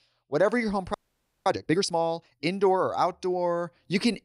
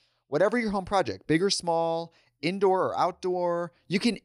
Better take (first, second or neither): second